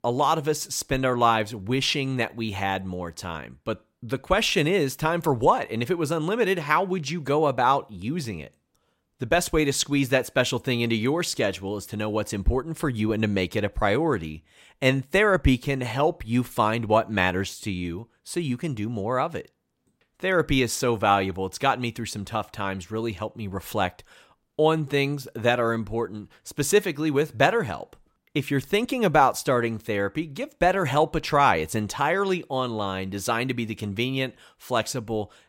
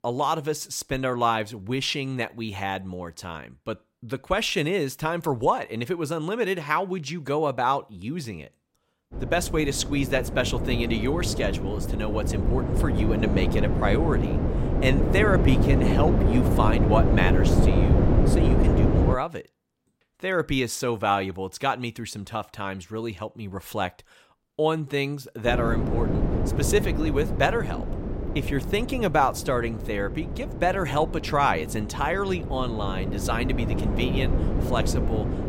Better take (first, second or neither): first